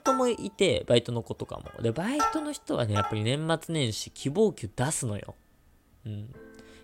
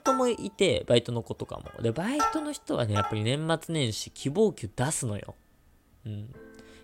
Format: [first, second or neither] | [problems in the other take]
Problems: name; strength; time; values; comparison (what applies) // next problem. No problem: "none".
neither | background music; loud; throughout; 4 dB below the speech; the same in both